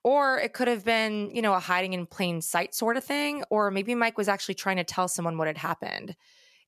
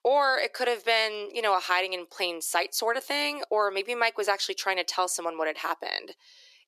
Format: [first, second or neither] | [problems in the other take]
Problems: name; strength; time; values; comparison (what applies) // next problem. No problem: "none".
first | thin; very; fading below 350 Hz